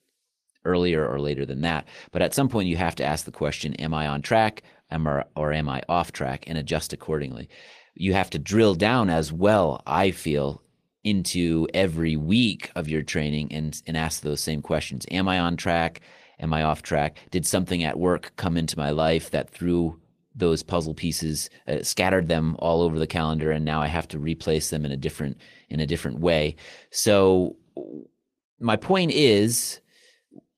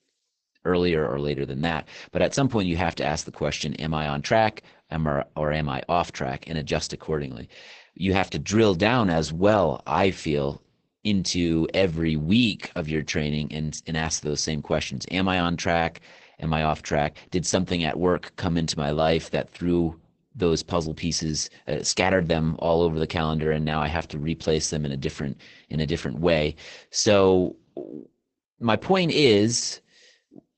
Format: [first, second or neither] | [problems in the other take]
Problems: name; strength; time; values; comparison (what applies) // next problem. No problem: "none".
first | garbled, watery; badly; nothing above 8 kHz; slightly in the first